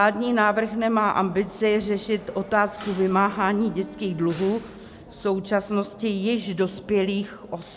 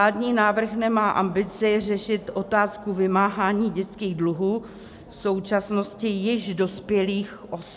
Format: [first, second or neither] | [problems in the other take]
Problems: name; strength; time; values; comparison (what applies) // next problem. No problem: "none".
second | background sound (Mechanisms); 19 dB below the speech